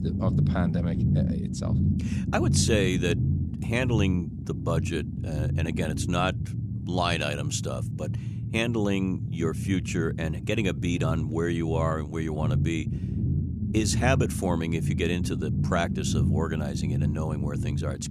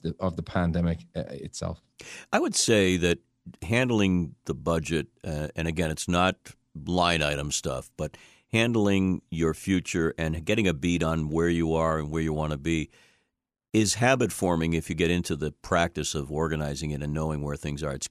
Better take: second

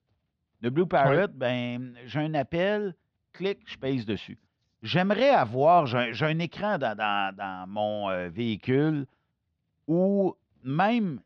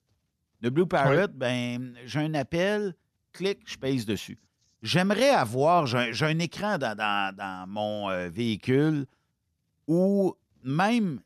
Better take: second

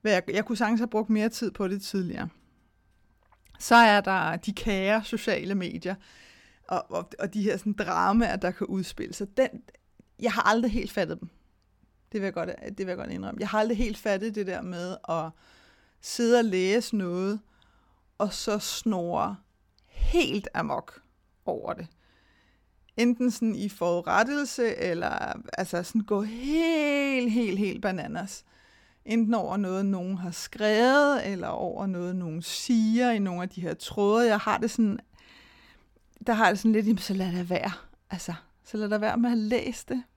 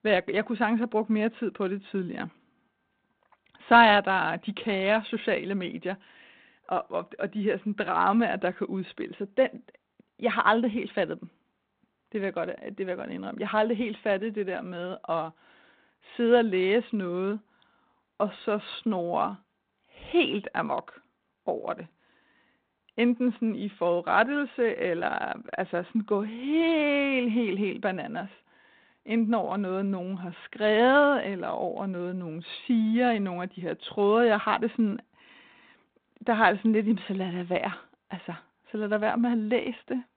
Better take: first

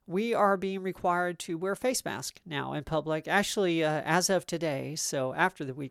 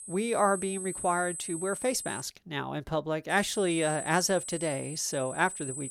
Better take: first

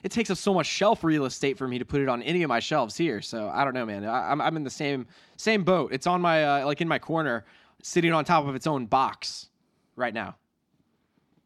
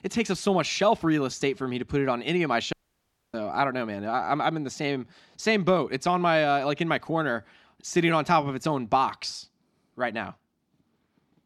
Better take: first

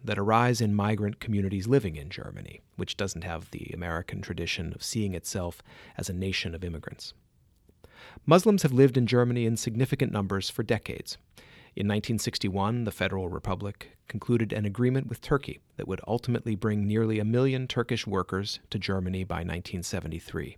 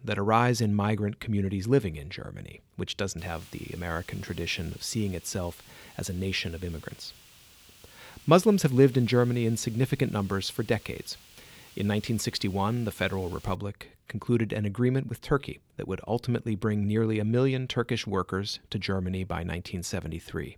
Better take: first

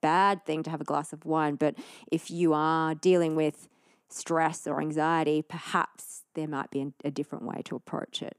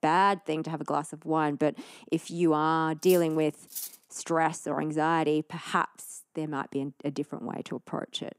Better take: first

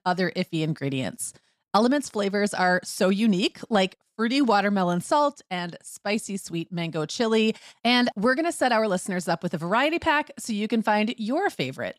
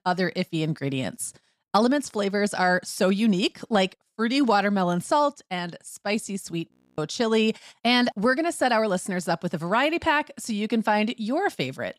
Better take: first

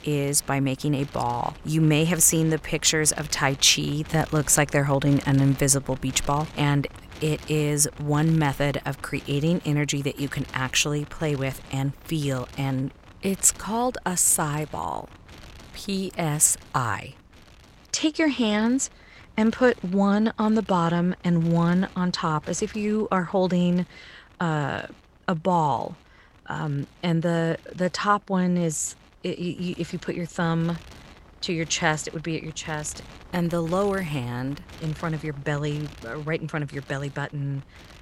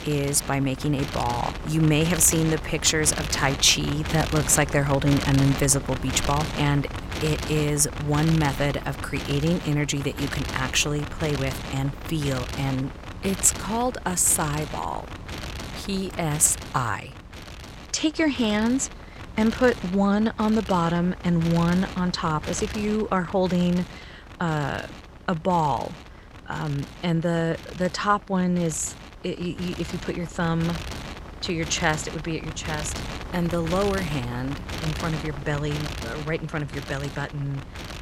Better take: first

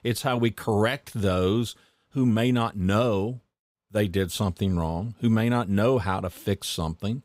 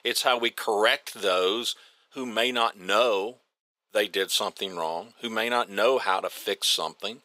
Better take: first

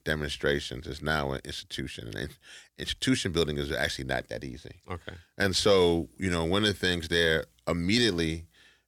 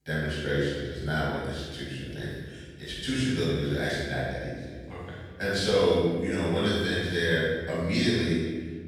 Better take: first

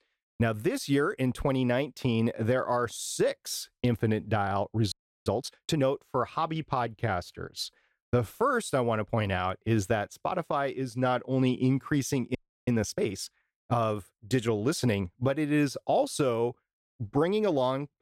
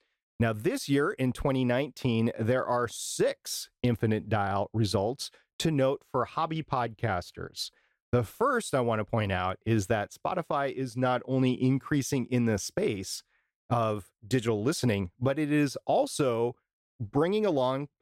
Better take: second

